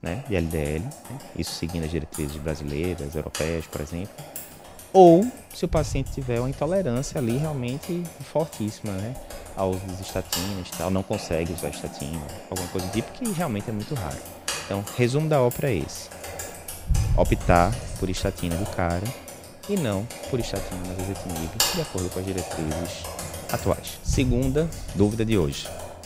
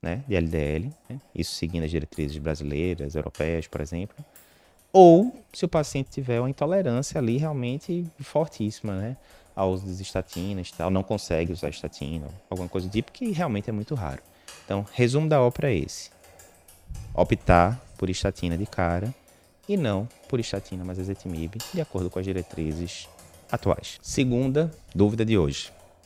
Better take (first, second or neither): second